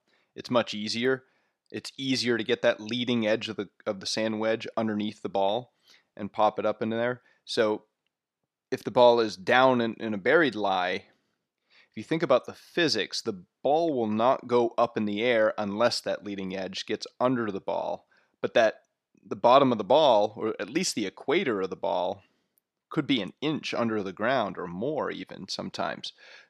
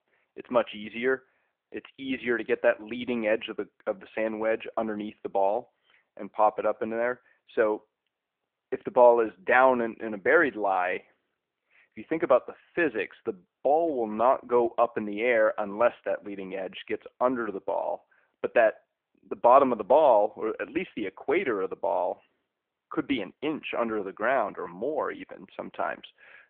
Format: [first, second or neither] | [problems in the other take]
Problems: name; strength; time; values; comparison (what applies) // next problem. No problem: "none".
first | phone-call audio